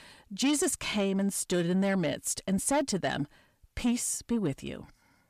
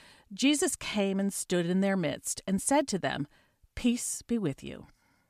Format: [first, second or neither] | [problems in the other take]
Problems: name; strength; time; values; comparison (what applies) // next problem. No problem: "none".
second | distortion; slight; 10 dB below the speech